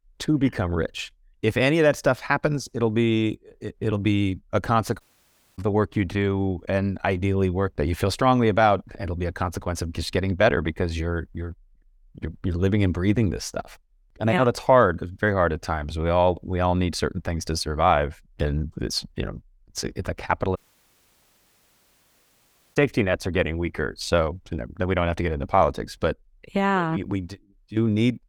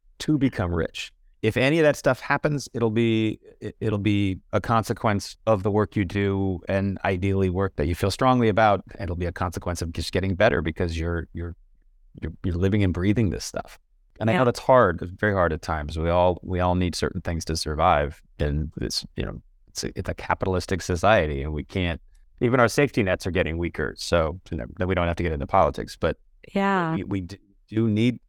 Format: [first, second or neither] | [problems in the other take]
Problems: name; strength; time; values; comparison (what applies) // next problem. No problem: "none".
second | audio cutting out; at 5 s for 0.5 s and at 21 s for 2 s